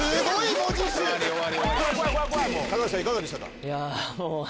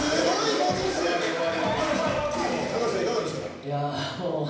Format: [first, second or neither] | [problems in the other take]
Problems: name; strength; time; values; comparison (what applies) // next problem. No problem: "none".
first | room echo; dies away in 0.9 s